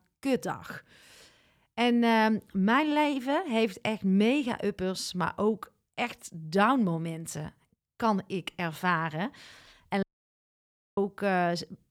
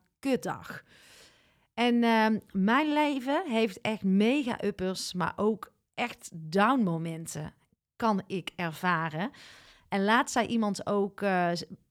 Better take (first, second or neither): second